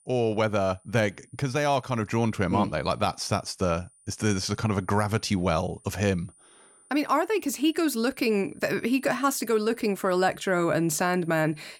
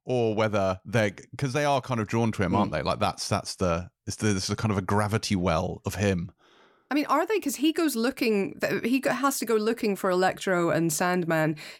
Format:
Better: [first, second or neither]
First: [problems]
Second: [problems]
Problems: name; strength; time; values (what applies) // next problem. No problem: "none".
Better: second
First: high-pitched whine; faint; throughout; 9.5 kHz, 30 dB below the speech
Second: none